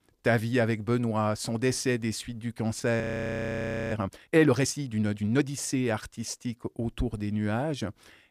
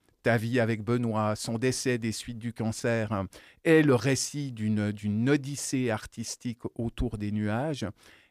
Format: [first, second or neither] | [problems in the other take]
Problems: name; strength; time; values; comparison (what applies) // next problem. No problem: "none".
second | audio freezing; at 3 s for 1 s